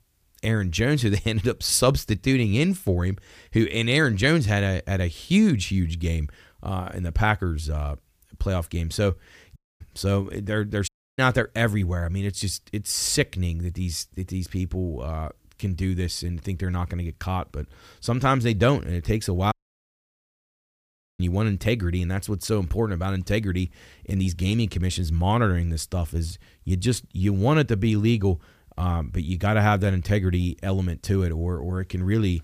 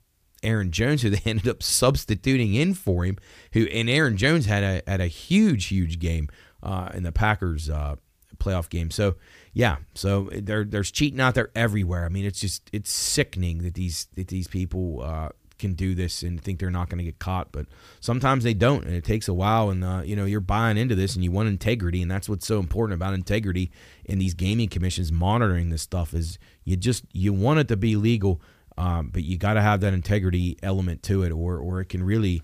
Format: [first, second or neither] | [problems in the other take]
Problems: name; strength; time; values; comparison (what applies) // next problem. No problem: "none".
second | audio cutting out; at 9.5 s, at 11 s and at 20 s for 1.5 s